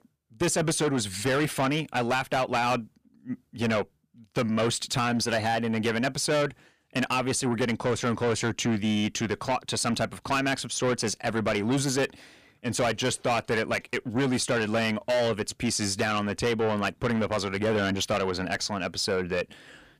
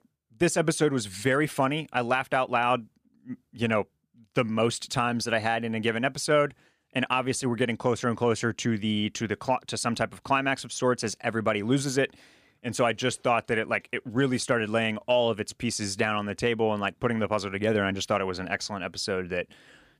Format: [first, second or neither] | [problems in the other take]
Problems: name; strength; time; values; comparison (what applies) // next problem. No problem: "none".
second | distortion; heavy; 7 dB below the speech